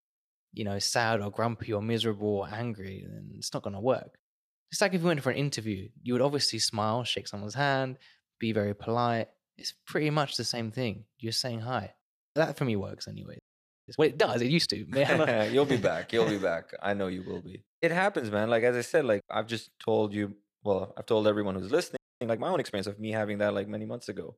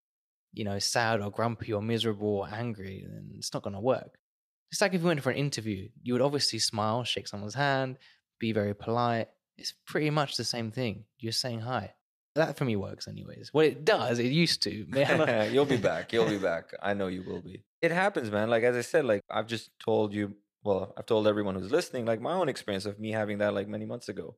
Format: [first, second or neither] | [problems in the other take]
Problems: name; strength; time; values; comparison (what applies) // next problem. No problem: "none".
second | audio freezing; at 13 s and at 22 s